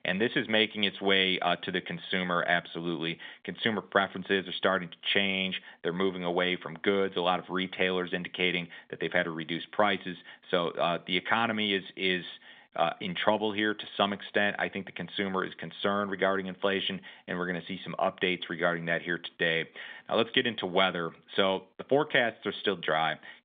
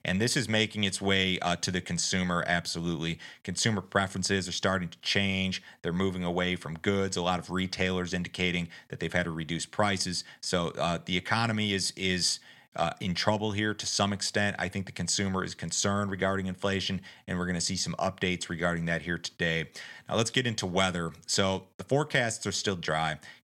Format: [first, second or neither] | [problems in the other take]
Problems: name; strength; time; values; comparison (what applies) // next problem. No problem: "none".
second | phone-call audio; nothing above 3.5 kHz